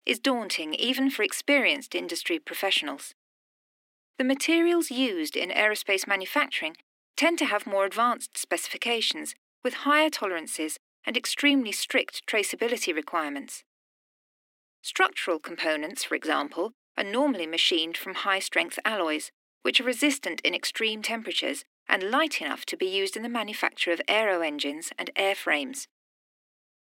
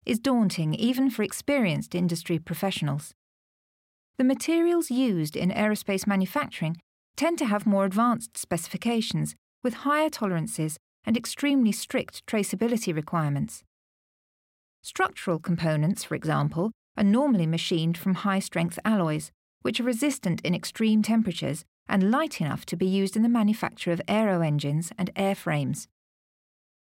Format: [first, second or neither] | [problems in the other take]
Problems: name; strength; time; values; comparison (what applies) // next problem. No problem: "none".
second | thin; somewhat; fading below 250 Hz